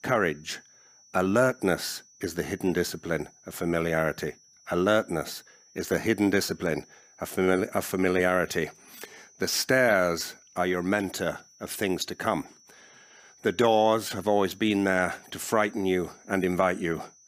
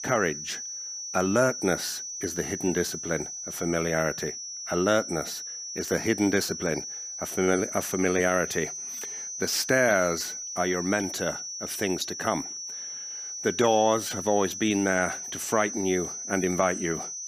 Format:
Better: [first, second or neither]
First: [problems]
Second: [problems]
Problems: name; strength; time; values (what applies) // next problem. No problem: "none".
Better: first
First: high-pitched whine; faint; throughout; 6 kHz, 30 dB below the speech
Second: high-pitched whine; loud; throughout; 6 kHz, 6 dB below the speech